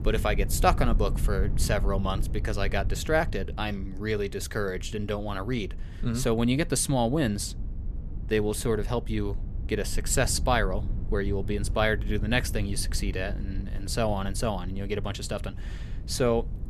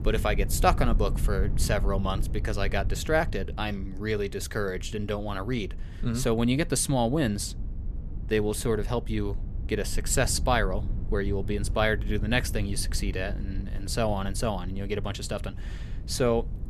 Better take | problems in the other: neither | low rumble; noticeable; throughout; 20 dB below the speech; the same in both

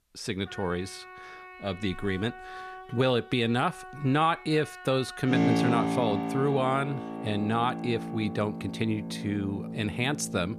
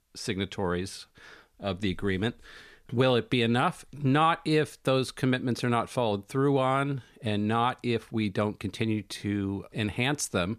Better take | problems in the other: second | background music; loud; throughout; 5 dB below the speech

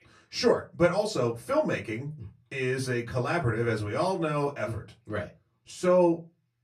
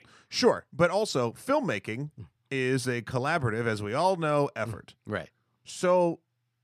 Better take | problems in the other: second | off-mic speech; far // room echo; very slight; dies away in 0.2 s

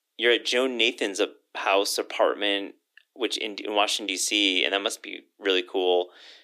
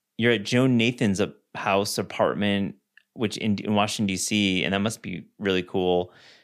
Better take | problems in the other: second | thin; somewhat; fading below 300 Hz

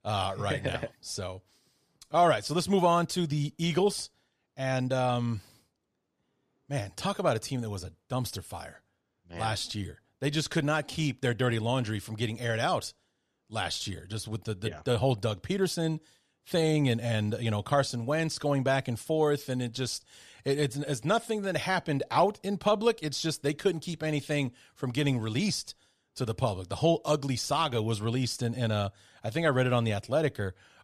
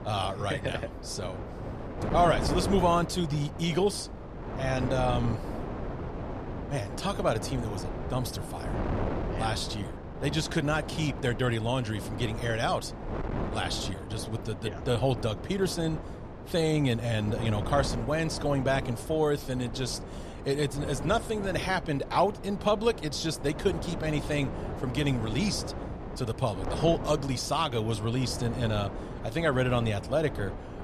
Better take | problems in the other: first | wind noise on the microphone; heavy; 9 dB below the speech

